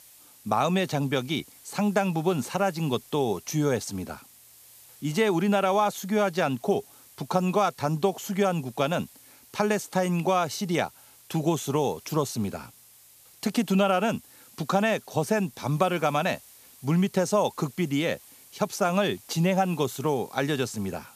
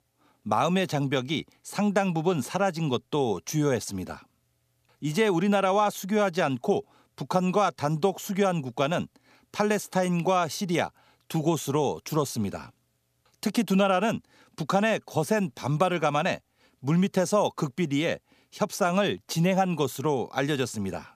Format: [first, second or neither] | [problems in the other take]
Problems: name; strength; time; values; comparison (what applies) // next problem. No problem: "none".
second | hiss; faint; throughout; 25 dB below the speech